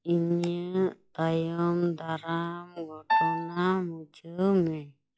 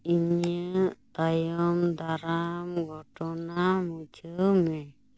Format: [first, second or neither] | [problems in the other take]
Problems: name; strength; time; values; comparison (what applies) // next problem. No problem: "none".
second | noise reduction (classical method log-MMSE)